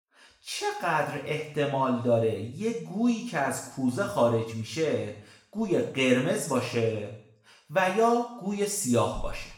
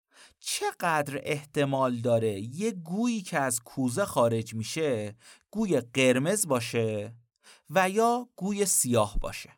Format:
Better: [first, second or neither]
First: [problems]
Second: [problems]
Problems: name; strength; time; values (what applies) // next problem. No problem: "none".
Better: second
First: room echo; noticeable; dies away in 0.6 s // off-mic speech; far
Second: none